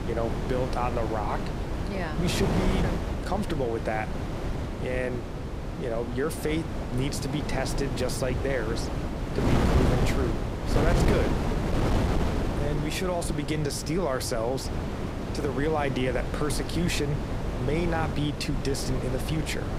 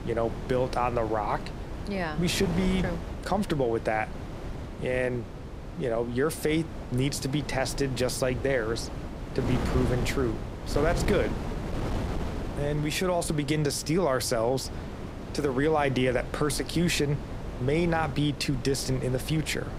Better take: second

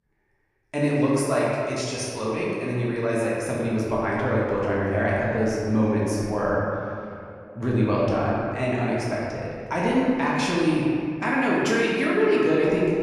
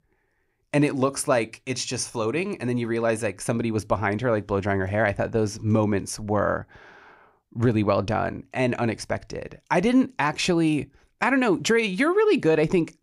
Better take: second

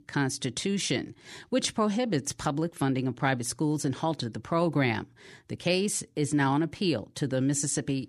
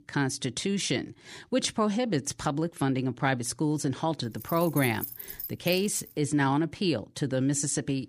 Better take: first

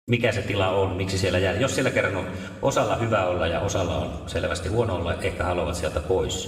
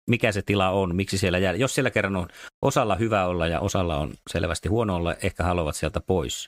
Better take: second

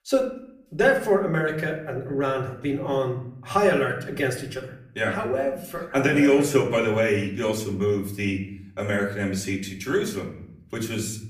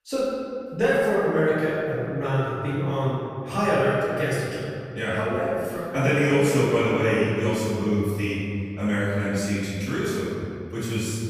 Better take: first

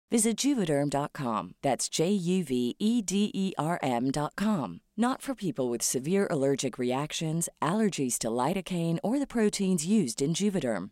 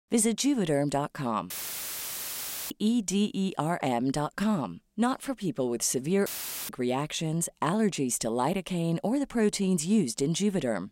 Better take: first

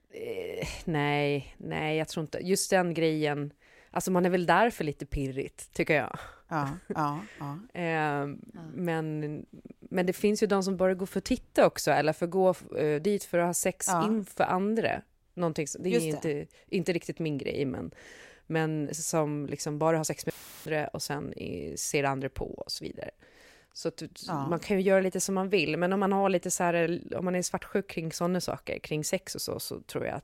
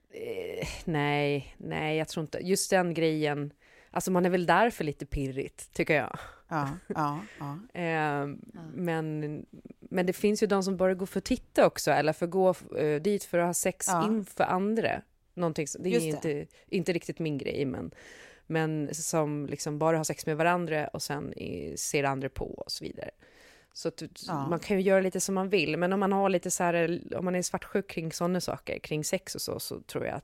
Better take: second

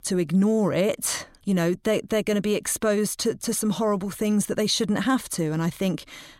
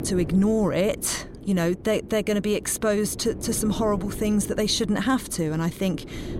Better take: first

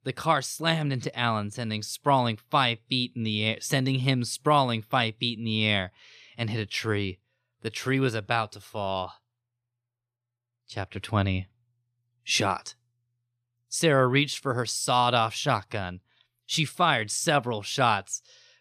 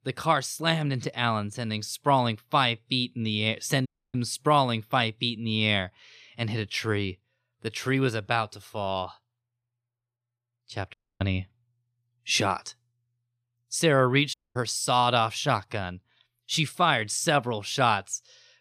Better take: first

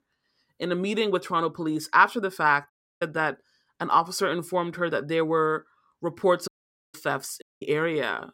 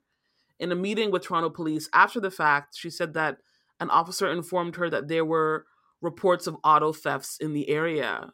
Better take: second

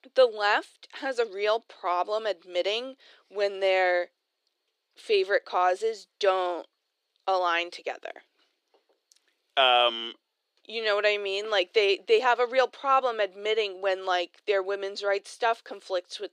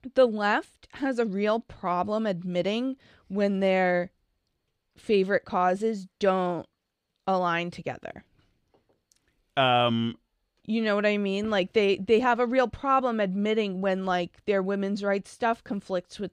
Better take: second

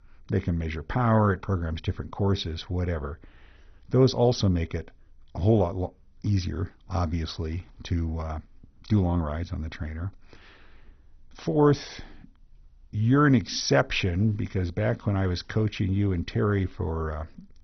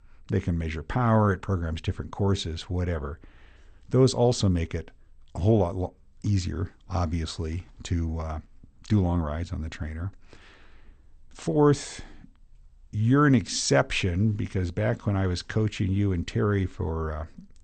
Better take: second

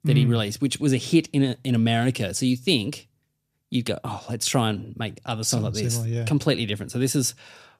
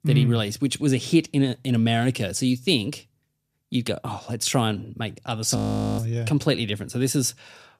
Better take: first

